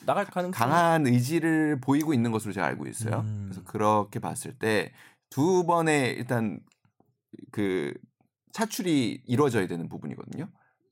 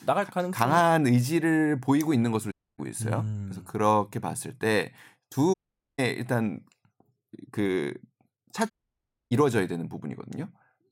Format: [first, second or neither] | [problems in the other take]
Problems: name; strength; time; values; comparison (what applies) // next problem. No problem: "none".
first | audio cutting out; at 2.5 s, at 5.5 s and at 8.5 s for 0.5 s